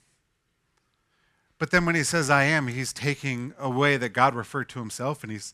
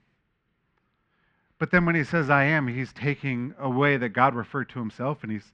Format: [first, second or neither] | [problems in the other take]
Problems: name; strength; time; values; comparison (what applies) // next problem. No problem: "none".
first | muffled; very; fading above 3 kHz